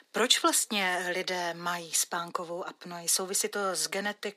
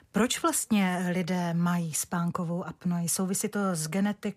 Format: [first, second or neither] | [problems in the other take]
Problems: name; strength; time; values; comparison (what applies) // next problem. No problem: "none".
second | thin; very; fading below 300 Hz